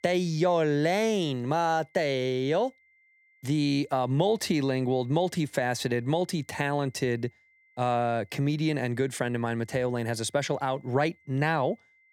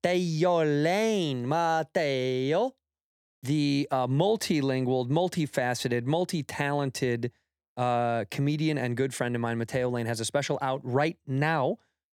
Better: second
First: high-pitched whine; faint; throughout; 2 kHz, 35 dB below the speech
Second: none

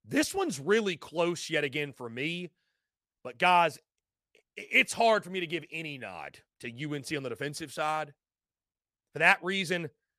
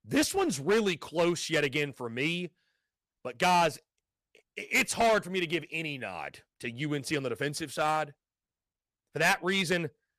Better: first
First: none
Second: distortion; heavy; 5% of the sound clipped

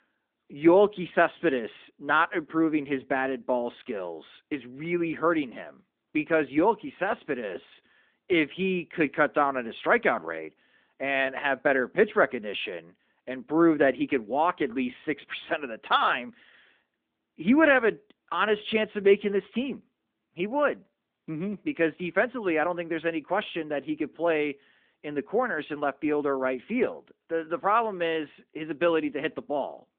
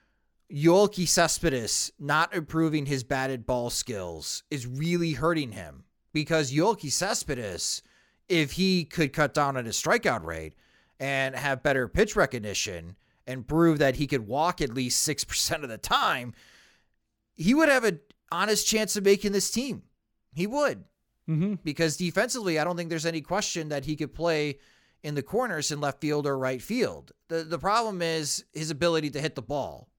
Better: second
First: phone-call audio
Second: none

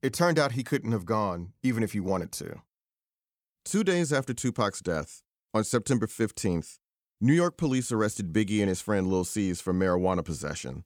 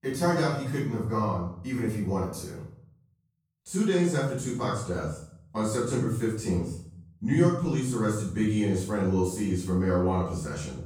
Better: first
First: none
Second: room echo; noticeable; dies away in 0.6 s // off-mic speech; far

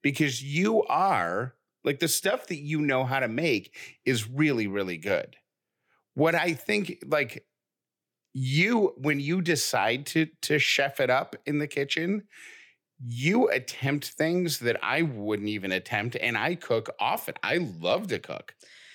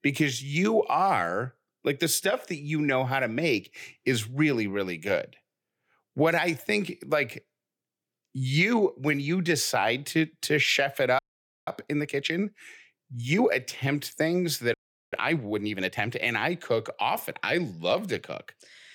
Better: first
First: none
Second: audio freezing; at 11 s and at 15 s

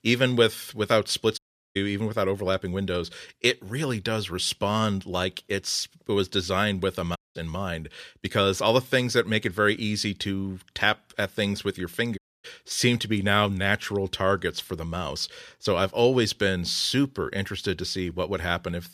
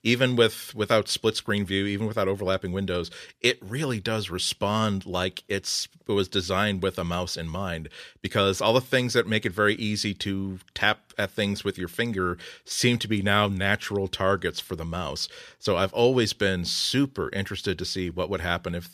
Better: second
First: audio cutting out; at 1.5 s, at 7 s and at 12 s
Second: none

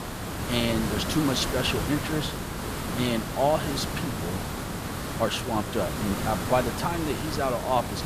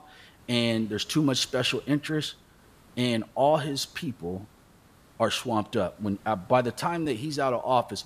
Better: second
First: hiss; loud; throughout; 3 dB below the speech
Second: hiss; faint; throughout; 30 dB below the speech

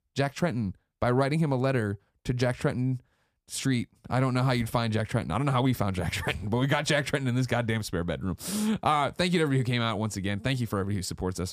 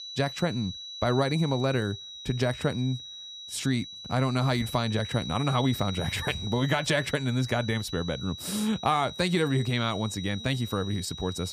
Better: first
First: none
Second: high-pitched whine; loud; throughout; 4 kHz, 10 dB below the speech

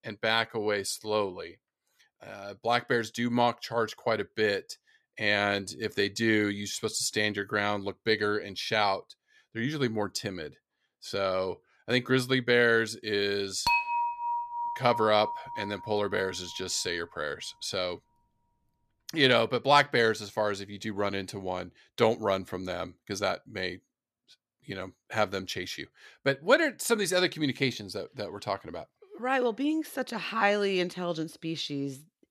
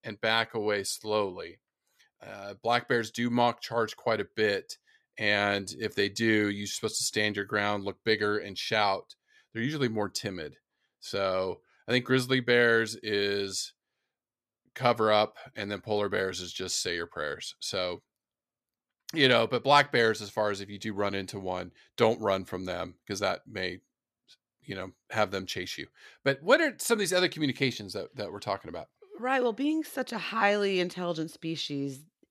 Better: second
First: clattering dishes; loud; from 14 to 16 s; peak 3 dB above the speech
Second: none

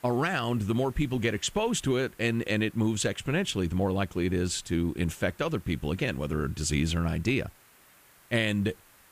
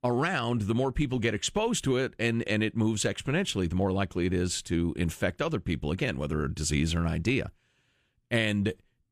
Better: second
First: hiss; faint; throughout; 25 dB below the speech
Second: none

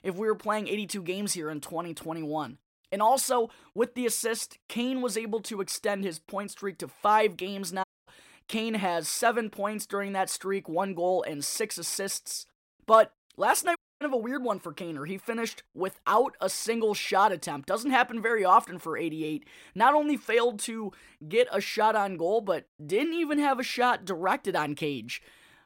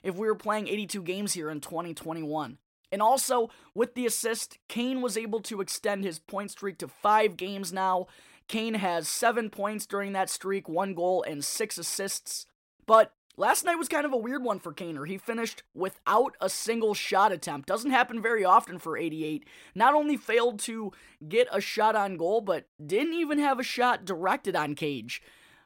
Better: second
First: audio cutting out; at 8 s and at 14 s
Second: none

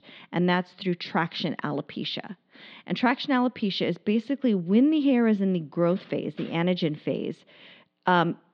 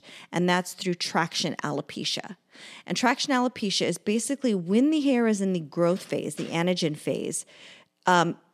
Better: second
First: muffled; slightly; fading above 4 kHz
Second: none

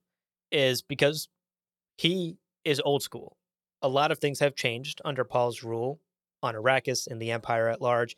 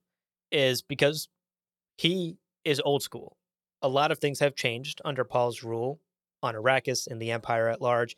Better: neither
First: none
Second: none

